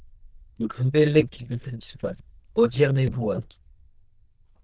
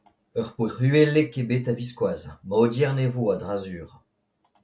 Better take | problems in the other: second | noise reduction (neural diffusion model UNIVERSE++)

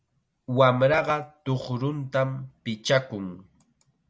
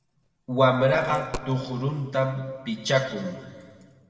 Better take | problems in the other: first | background sound (Coin (dropping)); 15 dB below the speech // room echo; dies away in 1.7 s

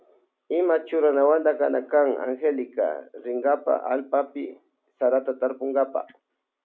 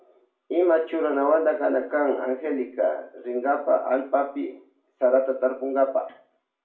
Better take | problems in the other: first | room echo; dies away in 0.4 s

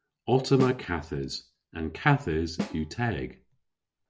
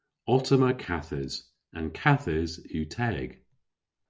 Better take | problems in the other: second | background sound (Snare drum); 11 dB below the speech

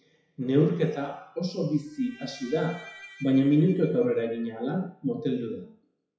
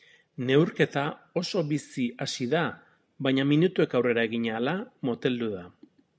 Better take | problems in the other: second | noise reduction (classical method WPE with log-MMSE)

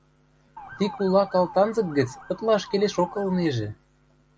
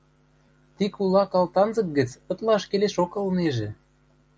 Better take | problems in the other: second | background sound (Motor vehicle (road) / Siren); 17 dB below the speech

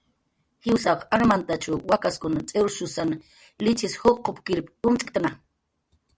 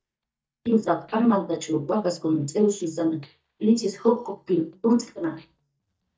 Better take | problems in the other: first | noise reduction (neural mask model DeepFilterNet 3)

